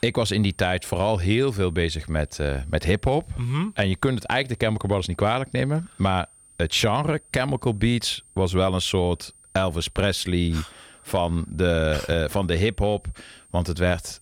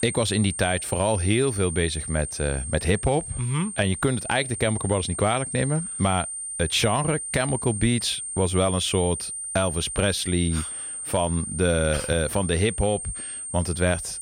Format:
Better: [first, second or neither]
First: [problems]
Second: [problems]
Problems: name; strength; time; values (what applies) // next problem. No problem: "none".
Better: first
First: high-pitched whine; faint; throughout; 8.5 kHz, 25 dB below the speech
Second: high-pitched whine; loud; throughout; 8.5 kHz, 6 dB below the speech